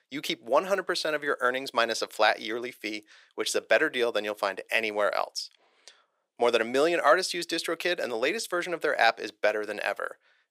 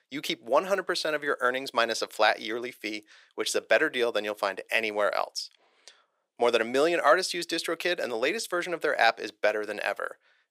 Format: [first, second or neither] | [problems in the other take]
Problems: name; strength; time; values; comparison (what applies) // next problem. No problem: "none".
neither | thin; very; fading below 600 Hz; the same in both